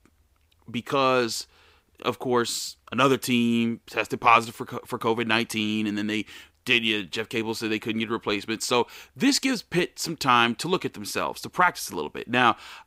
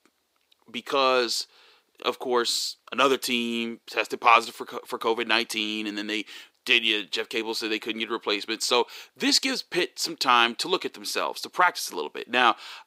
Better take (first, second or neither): first